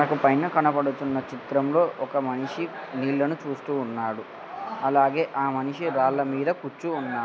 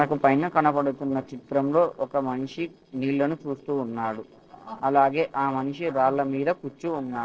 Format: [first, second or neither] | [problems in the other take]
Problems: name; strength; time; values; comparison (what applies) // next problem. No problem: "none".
first | noise reduction (neural separator model SepFormer DNS4)